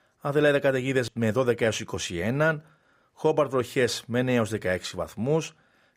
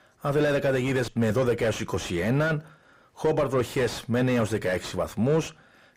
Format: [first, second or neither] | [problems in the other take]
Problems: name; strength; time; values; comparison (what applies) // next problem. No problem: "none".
first | distortion; heavy; 7 dB below the speech